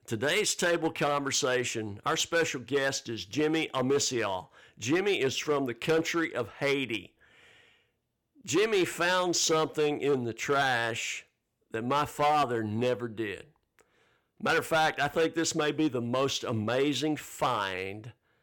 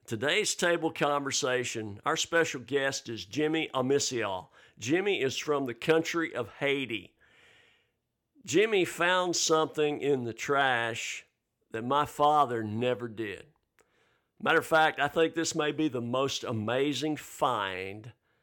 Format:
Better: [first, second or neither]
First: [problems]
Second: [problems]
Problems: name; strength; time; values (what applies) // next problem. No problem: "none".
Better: second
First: distortion; slight; 5% of the sound clipped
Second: none